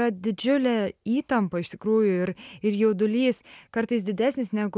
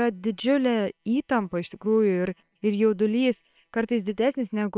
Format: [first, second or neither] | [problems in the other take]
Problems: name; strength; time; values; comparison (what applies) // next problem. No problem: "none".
first | noise reduction (neural separator model SepFormer WHAM!)